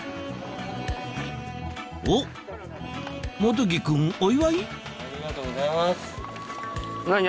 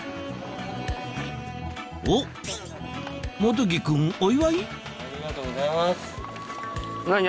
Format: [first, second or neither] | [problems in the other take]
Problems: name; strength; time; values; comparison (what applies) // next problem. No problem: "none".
first | background sound (Thump, thud); 16 dB below the speech